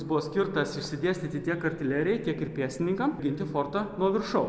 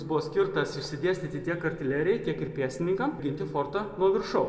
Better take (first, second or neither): first